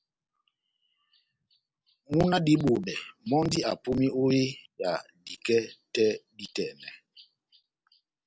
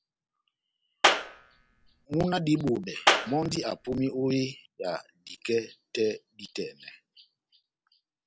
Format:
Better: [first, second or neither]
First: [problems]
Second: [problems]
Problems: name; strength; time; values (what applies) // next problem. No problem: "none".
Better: first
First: none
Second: background sound (Clapping); 4 dB above the speech